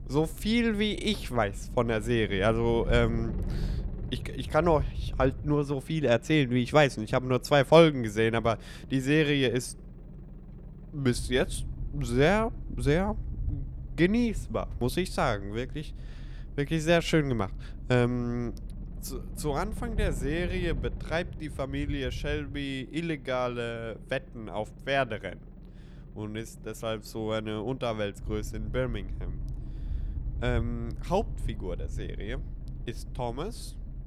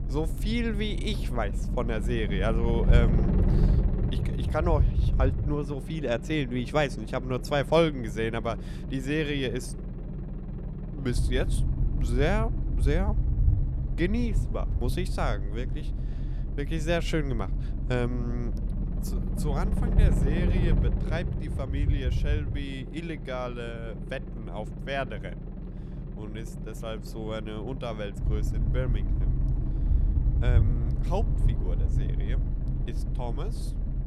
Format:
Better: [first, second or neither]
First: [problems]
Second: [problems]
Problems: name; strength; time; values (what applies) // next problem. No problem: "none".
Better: first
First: low rumble; faint; throughout; 25 dB below the speech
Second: low rumble; loud; throughout; 10 dB below the speech